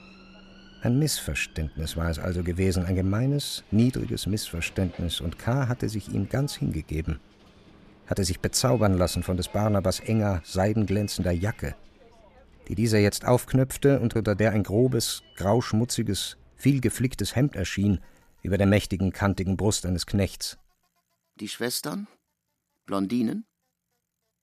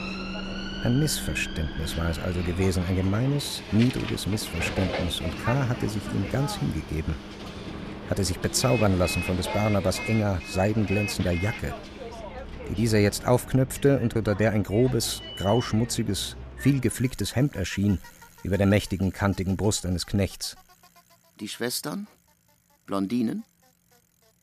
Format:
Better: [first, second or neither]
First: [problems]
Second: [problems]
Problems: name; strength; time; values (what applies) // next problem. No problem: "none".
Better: first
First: traffic noise; faint; throughout; 25 dB below the speech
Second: traffic noise; loud; throughout; 9 dB below the speech